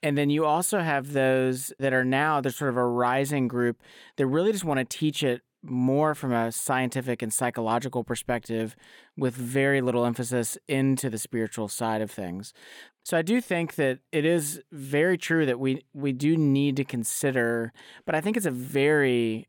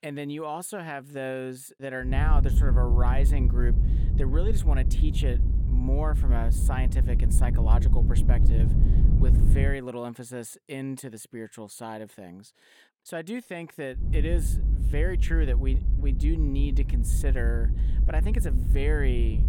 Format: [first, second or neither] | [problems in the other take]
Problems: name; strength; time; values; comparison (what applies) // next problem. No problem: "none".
first | low rumble; loud; from 2 to 9.5 s and from 14 s on; 6 dB below the speech